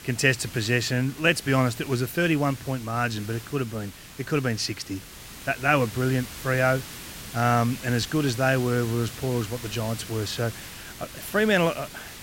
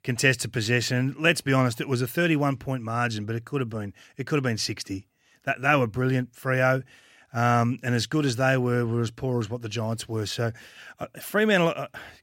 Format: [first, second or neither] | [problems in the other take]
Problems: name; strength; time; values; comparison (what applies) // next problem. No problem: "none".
second | hiss; noticeable; throughout; 15 dB below the speech